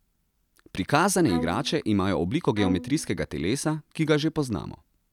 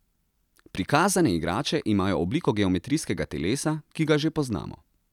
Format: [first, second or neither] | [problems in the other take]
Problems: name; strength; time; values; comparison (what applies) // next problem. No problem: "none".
second | background sound (Bowed string instrument); 12 dB below the speech